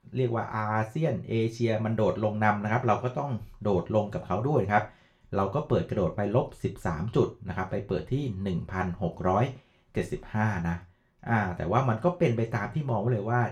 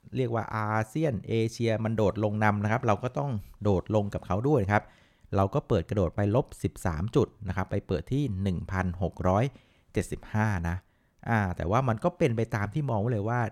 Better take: second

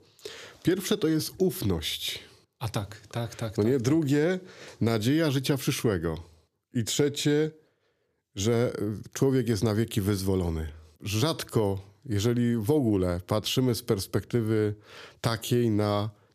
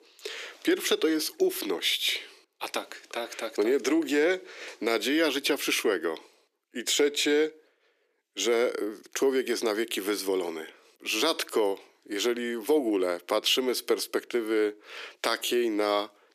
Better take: first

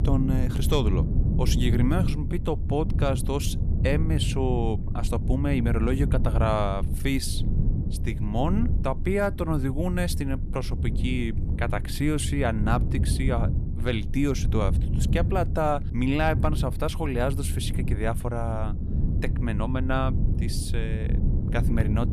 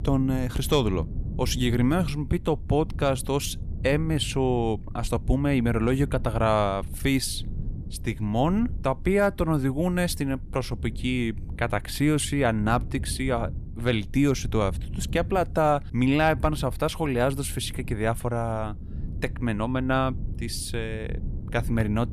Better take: second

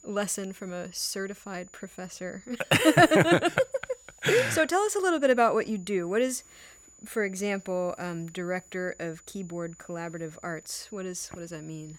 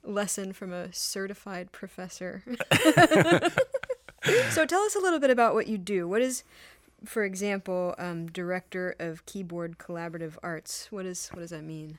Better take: second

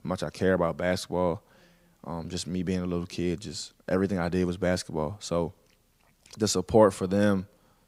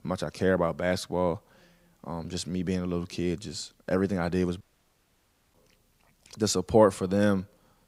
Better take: first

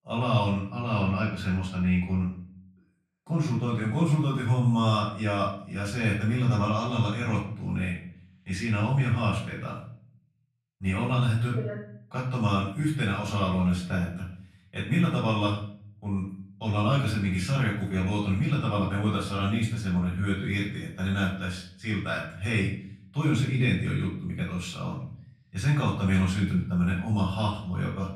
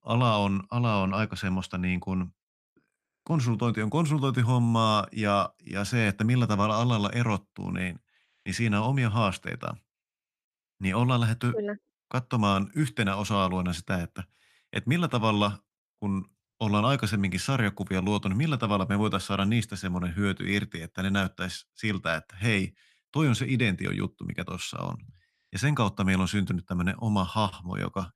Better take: second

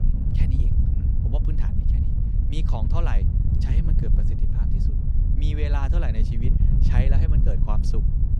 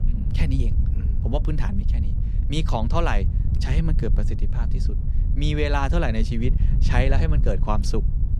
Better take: second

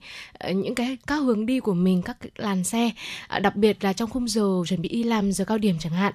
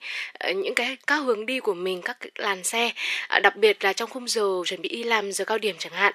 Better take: first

